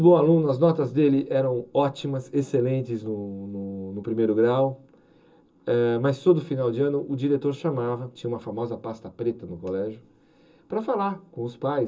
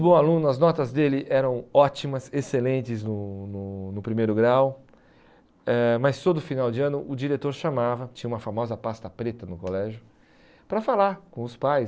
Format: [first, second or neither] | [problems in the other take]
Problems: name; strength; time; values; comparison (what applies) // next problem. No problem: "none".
second | room echo; dies away in 0.2 s